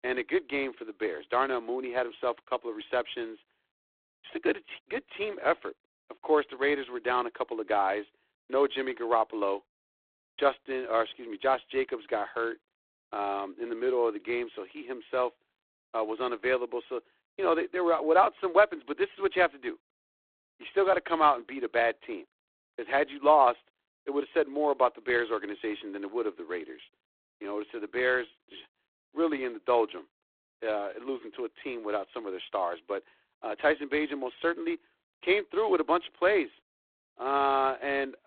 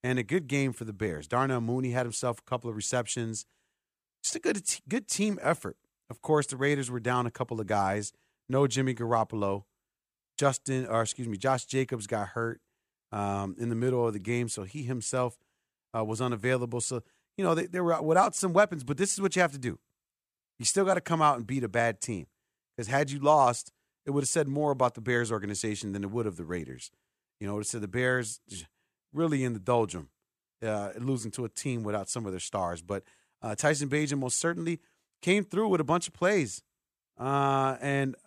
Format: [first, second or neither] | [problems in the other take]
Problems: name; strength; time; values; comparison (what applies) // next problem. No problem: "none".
second | phone-call audio; poor line; nothing above 3.5 kHz